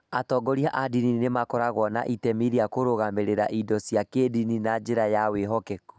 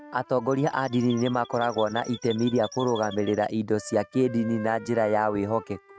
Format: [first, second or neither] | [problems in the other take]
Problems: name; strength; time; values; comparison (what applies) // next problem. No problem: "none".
first | noise reduction (neural mask model RNNoise)